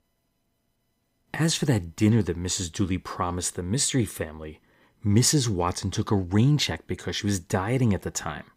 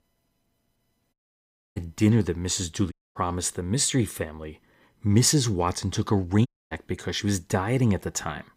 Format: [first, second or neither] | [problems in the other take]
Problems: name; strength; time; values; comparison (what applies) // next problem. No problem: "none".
first | audio cutting out; at 1 s for 0.5 s, at 3 s and at 6.5 s